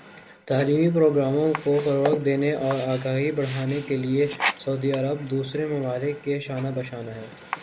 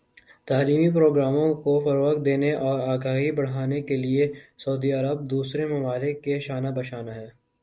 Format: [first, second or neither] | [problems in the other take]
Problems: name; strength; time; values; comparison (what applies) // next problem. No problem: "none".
second | background sound (Sink (filling or washing)); 12 dB below the speech